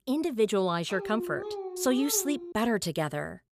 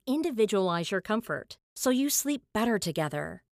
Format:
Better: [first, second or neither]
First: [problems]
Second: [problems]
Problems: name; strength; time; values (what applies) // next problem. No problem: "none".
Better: second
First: dog barking; noticeable; from 1 to 2.5 s; peak 7 dB below the speech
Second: none